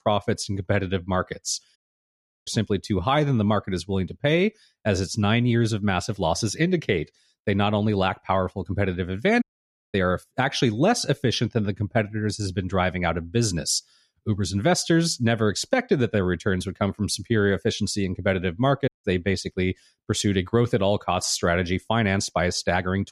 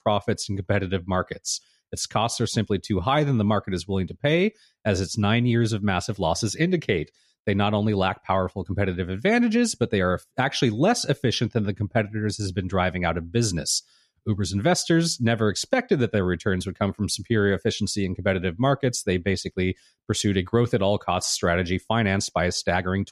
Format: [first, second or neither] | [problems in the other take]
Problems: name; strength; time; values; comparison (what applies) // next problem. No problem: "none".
second | audio cutting out; at 2 s for 0.5 s, at 9.5 s for 0.5 s and at 19 s